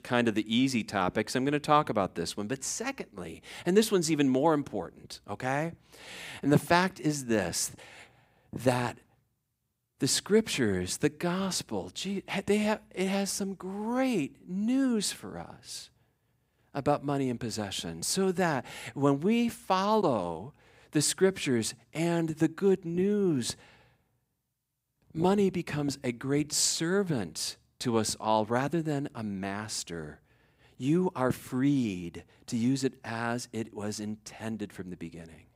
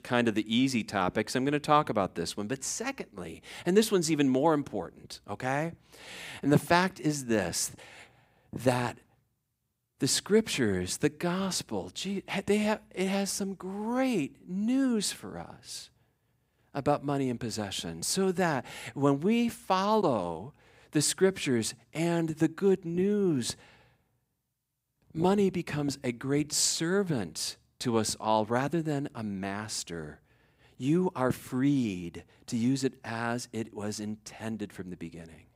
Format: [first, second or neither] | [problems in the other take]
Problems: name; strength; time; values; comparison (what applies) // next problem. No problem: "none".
neither | none